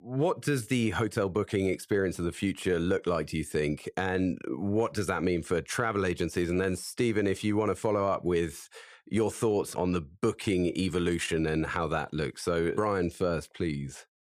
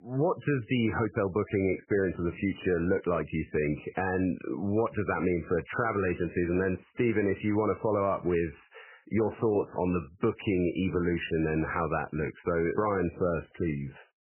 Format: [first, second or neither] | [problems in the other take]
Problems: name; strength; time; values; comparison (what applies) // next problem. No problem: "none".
first | garbled, watery; badly; nothing above 3 kHz